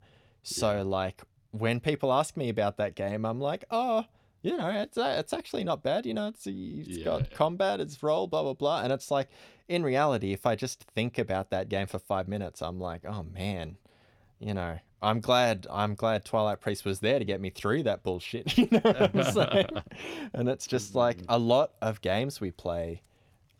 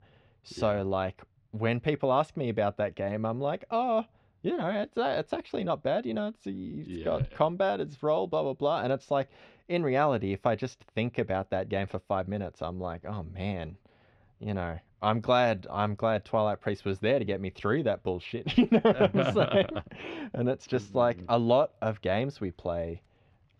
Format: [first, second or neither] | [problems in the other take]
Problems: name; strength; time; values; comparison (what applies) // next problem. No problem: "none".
first | muffled; slightly; fading above 3 kHz